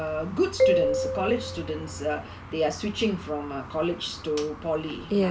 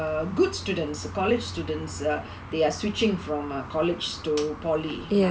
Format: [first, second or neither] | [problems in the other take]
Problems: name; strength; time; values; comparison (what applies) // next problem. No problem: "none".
second | background sound (Marimba, xylophone); 1 dB above the speech